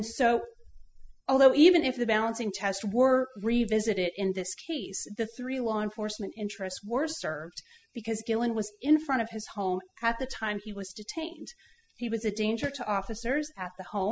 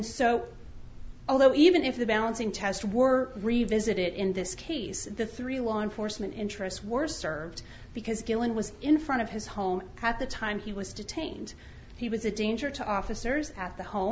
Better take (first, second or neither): second